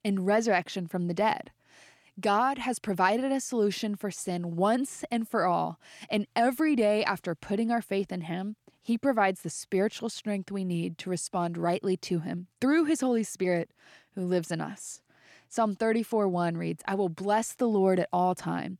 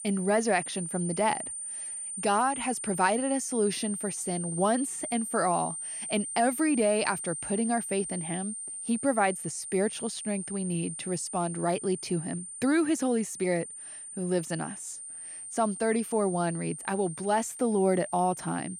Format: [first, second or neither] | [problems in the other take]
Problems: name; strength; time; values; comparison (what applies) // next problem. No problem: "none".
first | high-pitched whine; loud; throughout; 9 kHz, 7 dB below the speech